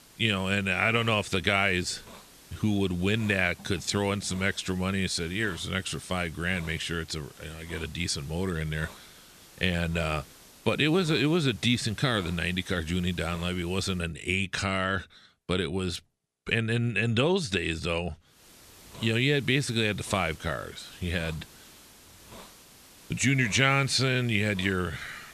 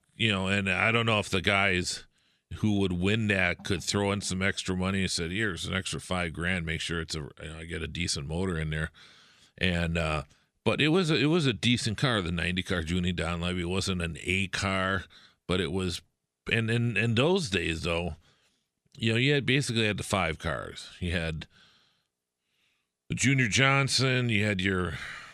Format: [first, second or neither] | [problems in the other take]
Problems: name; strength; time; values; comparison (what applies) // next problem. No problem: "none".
second | hiss; faint; until 14 s and from 18 s on; 20 dB below the speech